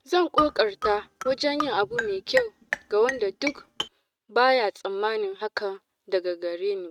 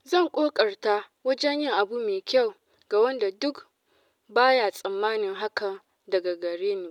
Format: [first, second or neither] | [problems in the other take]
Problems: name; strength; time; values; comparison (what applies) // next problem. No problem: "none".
second | noise reduction (neural mask model RNNoise)